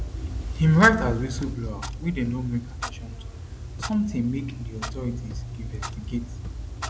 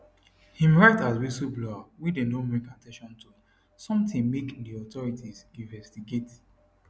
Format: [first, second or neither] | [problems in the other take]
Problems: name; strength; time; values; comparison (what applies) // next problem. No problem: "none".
second | background sound (Clock); 6 dB below the speech